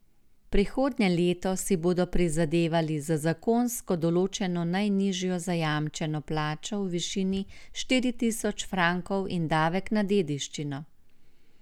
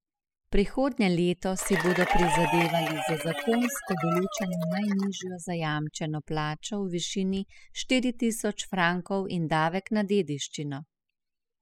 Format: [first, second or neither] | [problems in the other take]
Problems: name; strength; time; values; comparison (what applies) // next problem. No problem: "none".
first | noise reduction (classical method spectral subtraction)